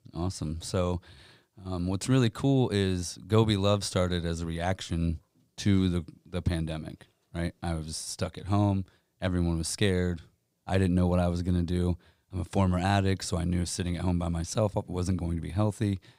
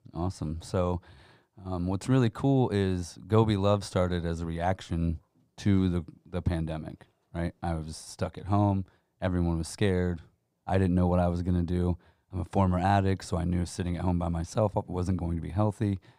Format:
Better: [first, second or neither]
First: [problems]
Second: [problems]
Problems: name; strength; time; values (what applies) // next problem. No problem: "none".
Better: first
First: none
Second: muffled; slightly; fading above 2.5 kHz